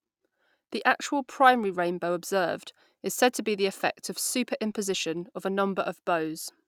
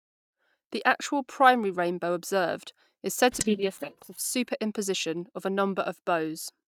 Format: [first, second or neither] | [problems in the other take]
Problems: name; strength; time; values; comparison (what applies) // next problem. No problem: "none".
first | noise reduction (neural mask model DeepFilterNet 3)